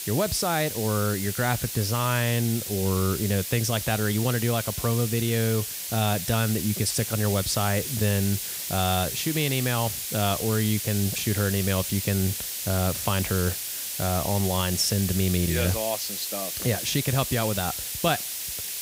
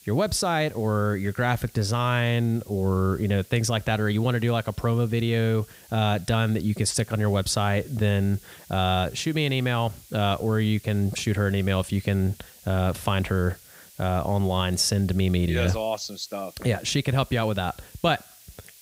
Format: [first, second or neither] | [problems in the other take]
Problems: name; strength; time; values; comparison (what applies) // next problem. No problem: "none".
second | hiss; loud; throughout; 3 dB below the speech; faint in the second